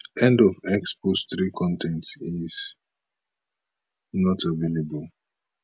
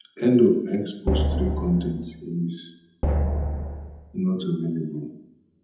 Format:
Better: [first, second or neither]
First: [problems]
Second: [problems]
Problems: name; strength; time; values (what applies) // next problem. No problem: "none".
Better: first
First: none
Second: background sound (Drum); 1 dB below the speech // room echo; dies away in 0.8 s